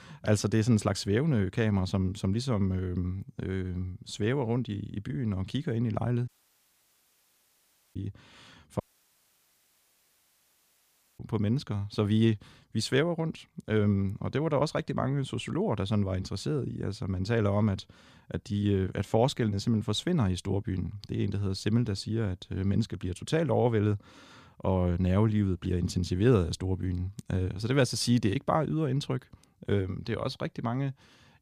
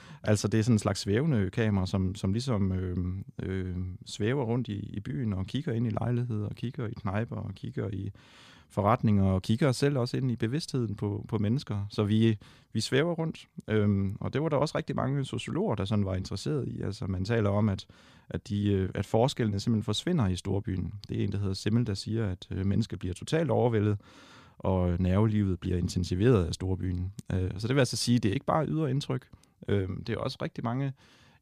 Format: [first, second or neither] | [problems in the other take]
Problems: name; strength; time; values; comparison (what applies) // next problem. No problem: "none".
second | audio cutting out; at 6.5 s for 1.5 s and at 9 s for 2.5 s